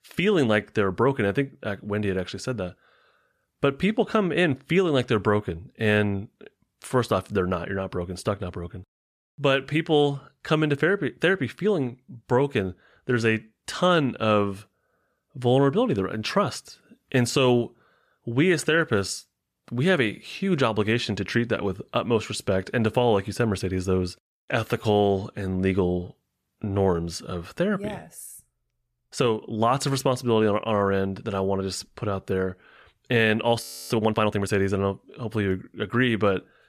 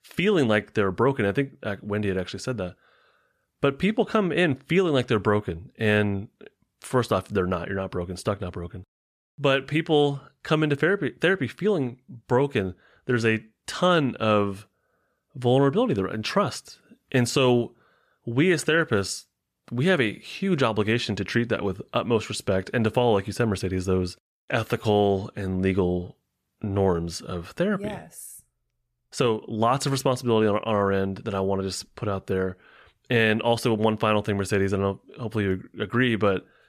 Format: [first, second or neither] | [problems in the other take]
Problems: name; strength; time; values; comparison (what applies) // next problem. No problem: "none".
second | audio freezing; at 34 s